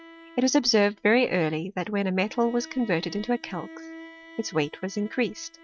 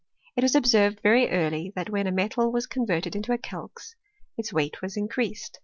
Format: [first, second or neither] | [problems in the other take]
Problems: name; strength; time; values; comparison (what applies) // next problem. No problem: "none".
second | noise reduction (neural mask model RNNoise)